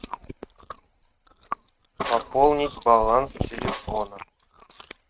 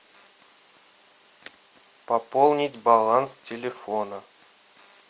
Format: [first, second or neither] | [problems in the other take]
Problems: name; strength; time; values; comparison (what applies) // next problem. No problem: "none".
second | noise reduction (neural mask model RNNoise)